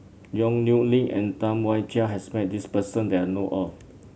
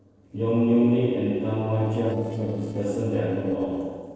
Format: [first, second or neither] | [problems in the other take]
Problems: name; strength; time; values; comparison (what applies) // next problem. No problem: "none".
first | noise reduction (neural separator model SepFormer DNS4)